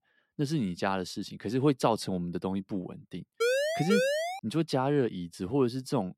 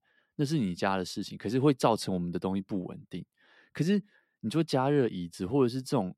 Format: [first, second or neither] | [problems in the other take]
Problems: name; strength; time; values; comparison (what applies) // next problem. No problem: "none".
second | siren; loud; at 3.5 s; peak 3 dB above the speech